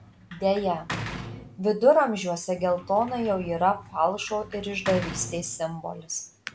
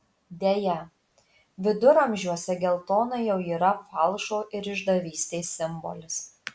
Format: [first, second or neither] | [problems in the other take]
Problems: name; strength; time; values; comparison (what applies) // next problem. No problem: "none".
second | background sound (Sliding door / Slam); 13 dB below the speech